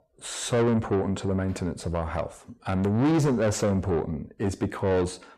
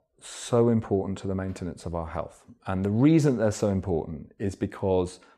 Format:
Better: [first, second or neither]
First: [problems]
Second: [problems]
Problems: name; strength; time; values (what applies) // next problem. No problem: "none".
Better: second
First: distortion; heavy; 8 dB below the speech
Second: none